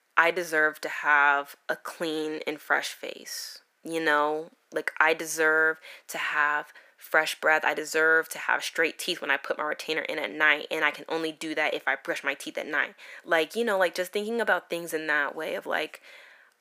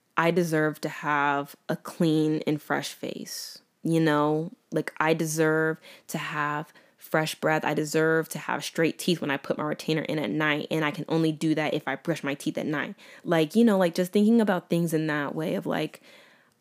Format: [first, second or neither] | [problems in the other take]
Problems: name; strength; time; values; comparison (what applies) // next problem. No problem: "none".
second | thin; very; fading below 600 Hz